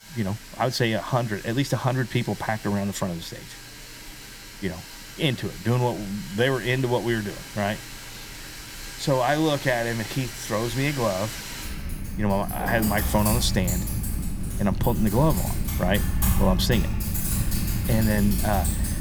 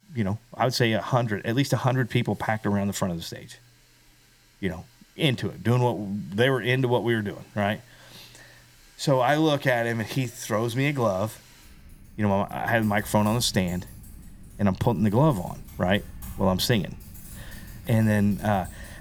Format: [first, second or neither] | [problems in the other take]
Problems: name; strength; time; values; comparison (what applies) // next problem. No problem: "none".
second | household noises; loud; throughout; 5 dB below the speech; faint in the second